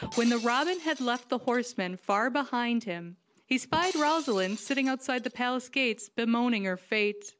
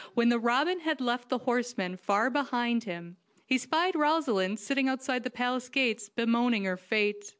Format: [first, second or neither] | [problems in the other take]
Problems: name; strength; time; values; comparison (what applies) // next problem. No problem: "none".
second | background sound (Shatter); 17 dB below the speech